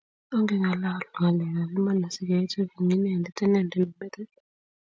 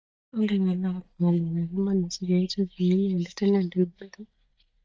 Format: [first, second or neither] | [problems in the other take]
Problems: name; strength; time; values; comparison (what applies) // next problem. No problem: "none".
first | noise reduction (neural mask model DeepFilterNet 3)